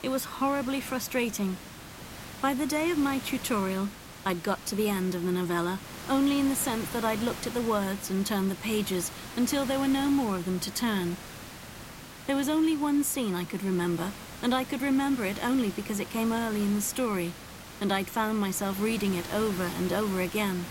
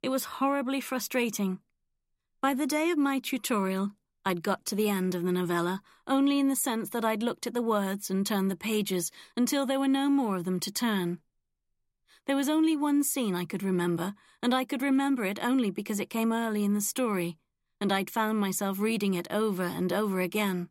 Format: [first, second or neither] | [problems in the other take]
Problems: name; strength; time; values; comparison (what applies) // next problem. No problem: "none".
second | hiss; noticeable; throughout; 10 dB below the speech